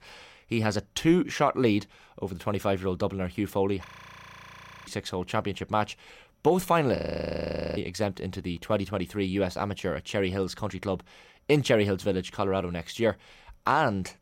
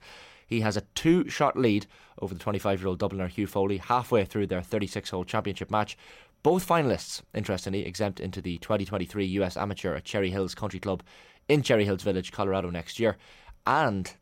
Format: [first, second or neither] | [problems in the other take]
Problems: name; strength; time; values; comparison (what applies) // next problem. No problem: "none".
second | audio freezing; at 4 s for 1 s and at 7 s for 1 s